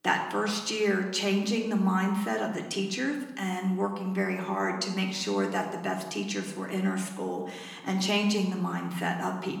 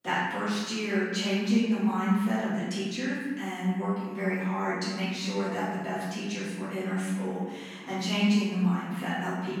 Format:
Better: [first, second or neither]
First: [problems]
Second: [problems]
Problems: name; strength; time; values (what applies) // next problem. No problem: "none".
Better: first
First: room echo; slight; dies away in 0.9 s // off-mic speech; somewhat distant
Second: room echo; strong; dies away in 1.7 s // off-mic speech; far